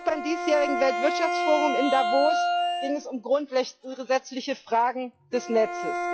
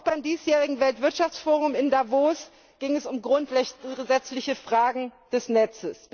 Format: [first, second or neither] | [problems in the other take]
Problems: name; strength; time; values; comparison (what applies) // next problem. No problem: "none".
second | noise reduction (classical method log-MMSE)